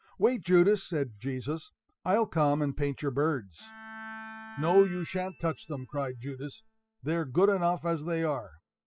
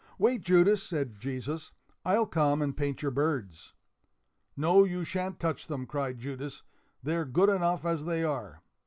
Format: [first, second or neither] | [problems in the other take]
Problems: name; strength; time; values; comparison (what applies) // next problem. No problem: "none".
second | noise reduction (classical method spectral subtraction)